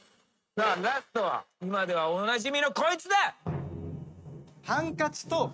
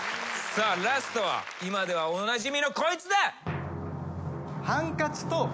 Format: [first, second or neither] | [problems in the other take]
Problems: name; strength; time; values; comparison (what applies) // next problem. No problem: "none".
second | noise reduction (neural mask model RNNoise)